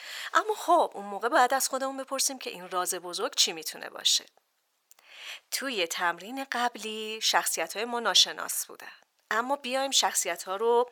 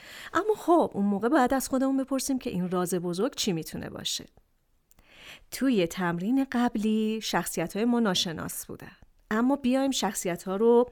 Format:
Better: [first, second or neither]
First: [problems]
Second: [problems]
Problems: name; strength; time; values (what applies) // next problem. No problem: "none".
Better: second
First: thin; very; fading below 750 Hz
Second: none